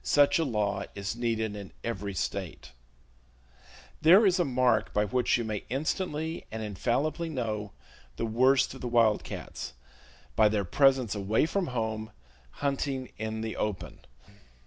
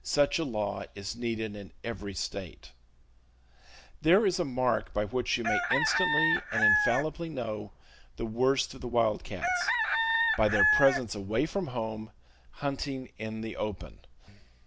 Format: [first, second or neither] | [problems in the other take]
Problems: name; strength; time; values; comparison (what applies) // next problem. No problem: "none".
first | background sound (Chicken, rooster); 1 dB above the speech